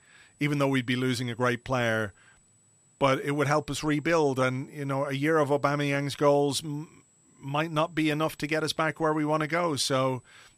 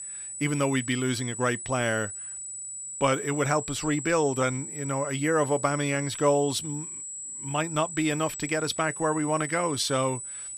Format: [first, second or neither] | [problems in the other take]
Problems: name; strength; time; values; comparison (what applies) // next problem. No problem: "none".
first | high-pitched whine; loud; throughout; 8 kHz, 8 dB below the speech; faint in the first